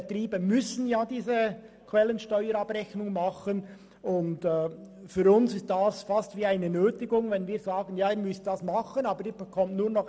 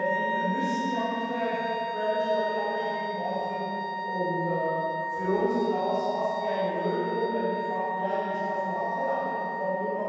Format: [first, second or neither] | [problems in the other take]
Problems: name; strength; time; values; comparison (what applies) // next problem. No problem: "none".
first | background sound (Wind instrument, woodwind instrument); 3 dB below the speech // room echo; dies away in 2.2 s